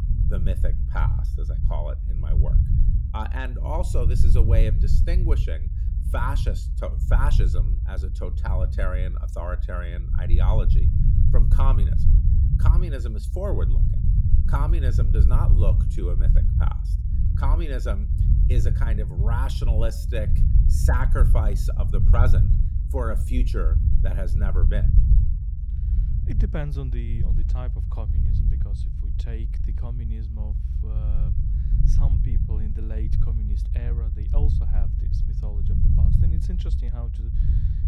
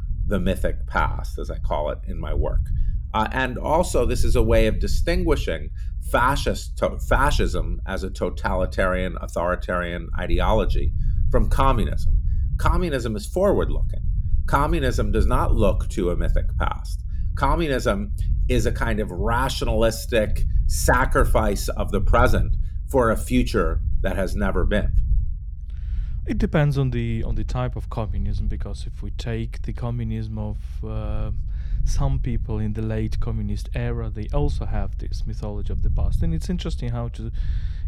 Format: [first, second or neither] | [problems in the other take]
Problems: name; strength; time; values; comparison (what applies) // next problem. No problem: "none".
second | low rumble; loud; throughout; 5 dB below the speech; faint in the second